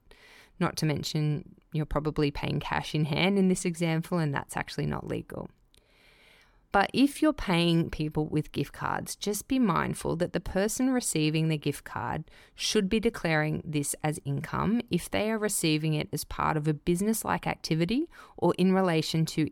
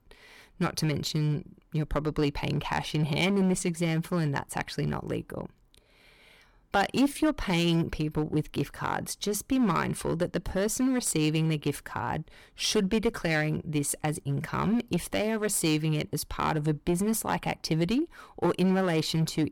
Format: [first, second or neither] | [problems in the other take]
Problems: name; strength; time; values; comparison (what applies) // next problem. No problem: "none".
first | distortion; slight; 5% of the sound clipped